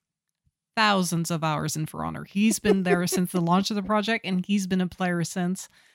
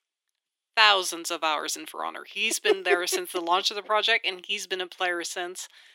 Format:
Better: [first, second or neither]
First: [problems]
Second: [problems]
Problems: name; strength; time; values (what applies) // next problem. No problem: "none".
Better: first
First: none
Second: thin; very; fading below 350 Hz